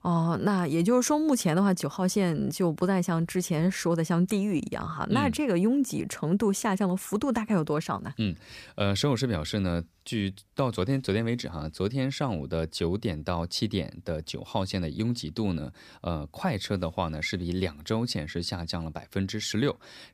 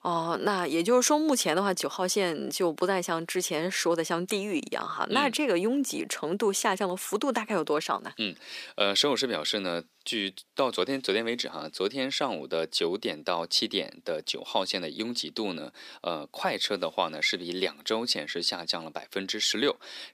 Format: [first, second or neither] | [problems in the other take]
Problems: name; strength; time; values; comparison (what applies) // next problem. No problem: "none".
first | thin; somewhat; fading below 300 Hz